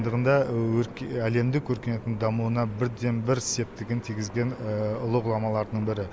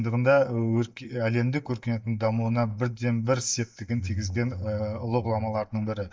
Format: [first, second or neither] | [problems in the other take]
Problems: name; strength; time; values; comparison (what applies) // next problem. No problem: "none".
first | noise reduction (neural mask model DeepFilterNet 3)